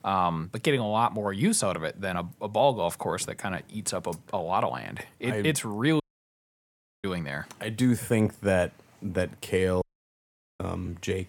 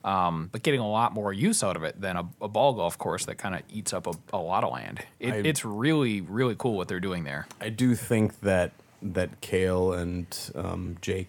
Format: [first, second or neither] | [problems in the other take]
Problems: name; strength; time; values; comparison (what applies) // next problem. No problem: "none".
second | audio cutting out; at 6 s for 1 s and at 10 s for 1 s